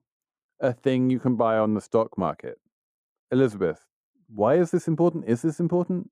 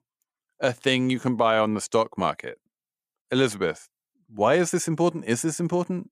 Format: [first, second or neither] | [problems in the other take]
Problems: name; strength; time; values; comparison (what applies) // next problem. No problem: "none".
second | muffled; slightly; fading above 1 kHz